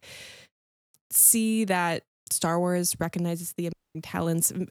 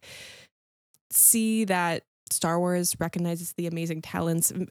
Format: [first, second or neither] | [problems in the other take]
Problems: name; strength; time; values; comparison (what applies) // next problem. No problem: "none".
second | audio cutting out; at 3.5 s